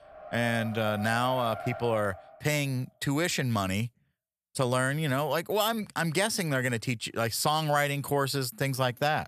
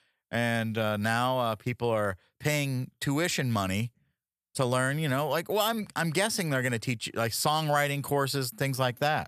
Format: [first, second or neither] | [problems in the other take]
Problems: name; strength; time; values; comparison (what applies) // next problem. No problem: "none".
second | traffic noise; noticeable; until 2 s; 10 dB below the speech